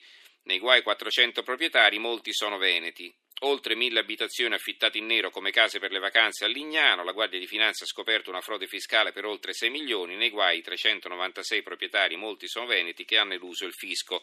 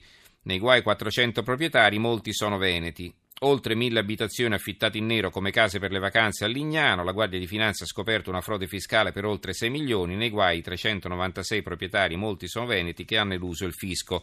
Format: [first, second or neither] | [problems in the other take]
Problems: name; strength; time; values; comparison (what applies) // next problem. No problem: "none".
second | thin; somewhat; fading below 300 Hz